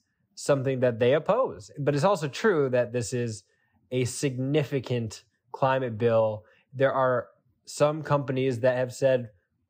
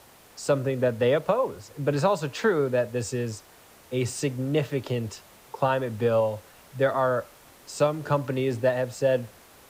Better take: first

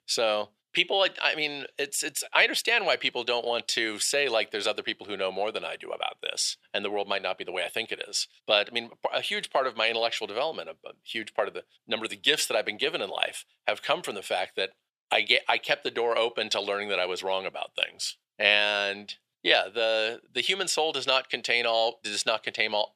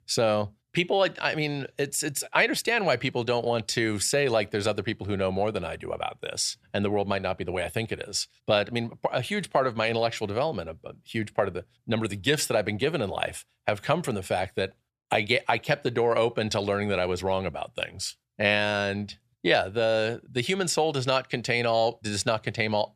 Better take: second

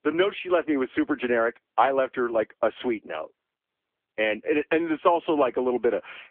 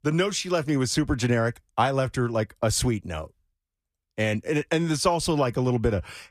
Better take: second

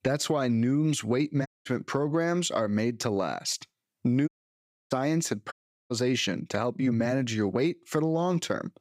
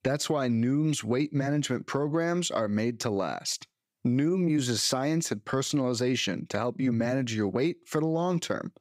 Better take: second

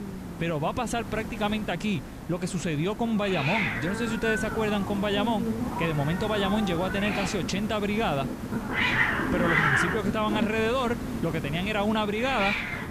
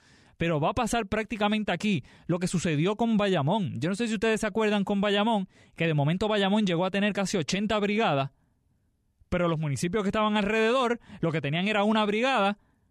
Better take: second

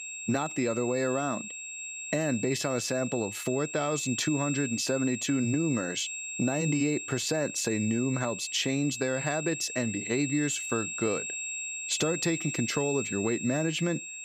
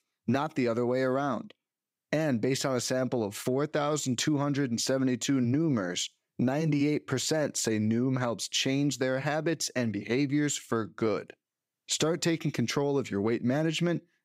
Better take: second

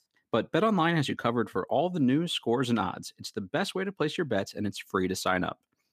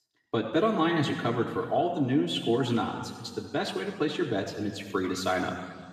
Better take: first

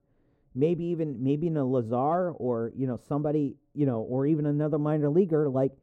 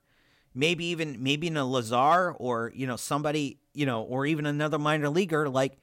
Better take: second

